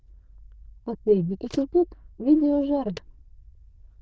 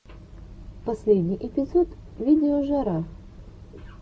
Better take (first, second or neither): second